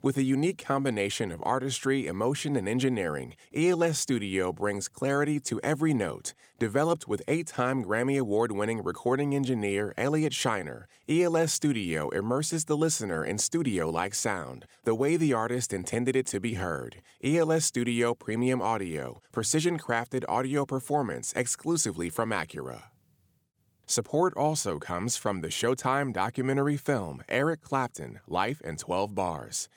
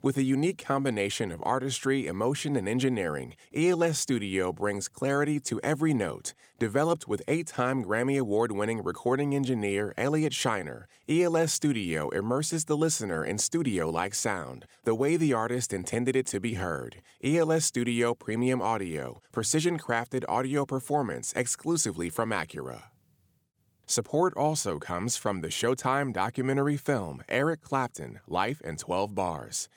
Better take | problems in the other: neither | none

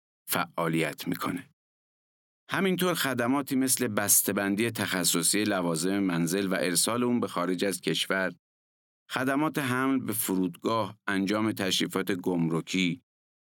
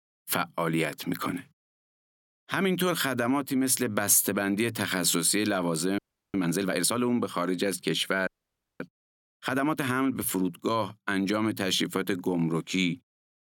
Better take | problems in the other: first | audio freezing; at 6 s and at 8.5 s for 0.5 s

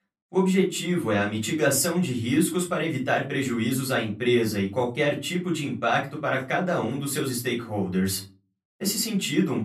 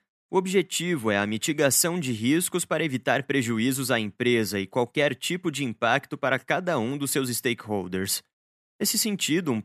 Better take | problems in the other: second | off-mic speech; far // room echo; very slight; dies away in 0.3 s

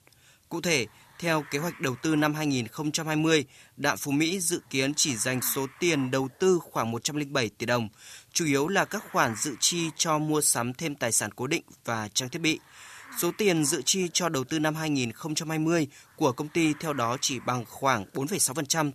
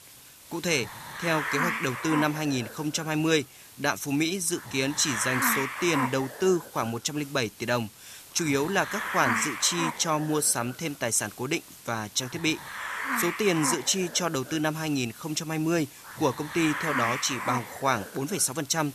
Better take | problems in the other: first | hiss; loud; throughout; 5 dB below the speech; faint in the first

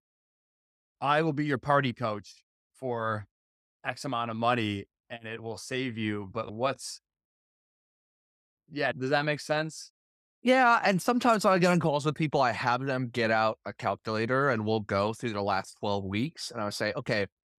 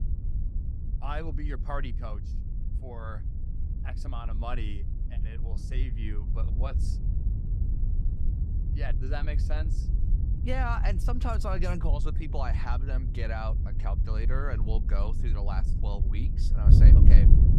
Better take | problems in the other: first | wind noise on the microphone; heavy; 6 dB below the speech

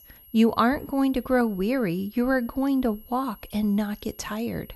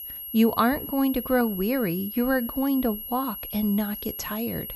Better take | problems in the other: first | high-pitched whine; loud; throughout; 11.5 kHz, 8 dB below the speech; faint in the first

